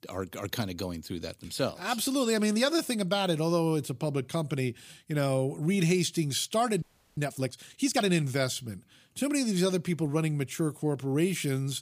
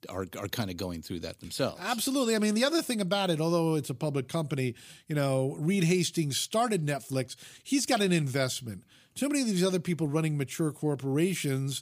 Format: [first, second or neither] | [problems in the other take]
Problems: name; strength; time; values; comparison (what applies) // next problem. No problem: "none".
second | audio freezing; at 7 s